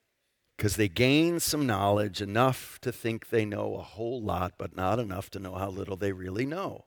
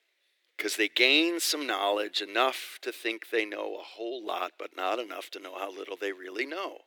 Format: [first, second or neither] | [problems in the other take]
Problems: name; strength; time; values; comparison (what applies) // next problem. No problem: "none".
first | thin; somewhat; fading below 300 Hz